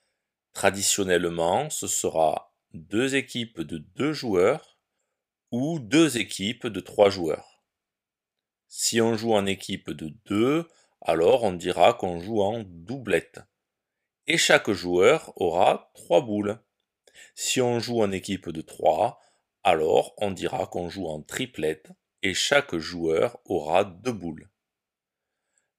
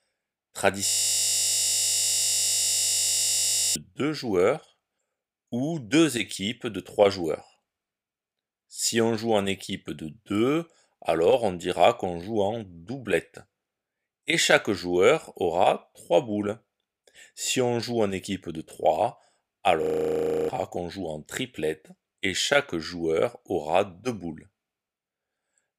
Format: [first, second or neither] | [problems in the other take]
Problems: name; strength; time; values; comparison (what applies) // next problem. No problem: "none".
first | audio freezing; at 1 s for 3 s and at 20 s for 0.5 s